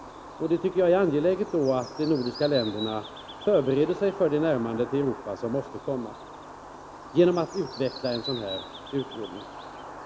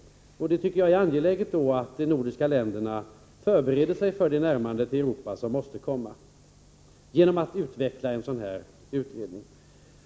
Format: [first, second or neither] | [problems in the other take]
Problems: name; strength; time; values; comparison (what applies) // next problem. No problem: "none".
second | background sound (Bird); 14 dB below the speech